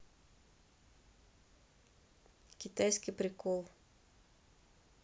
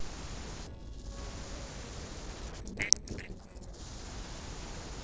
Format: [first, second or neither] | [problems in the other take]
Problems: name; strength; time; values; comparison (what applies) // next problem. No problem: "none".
first | noise reduction (neural separator model SepFormer DNS4)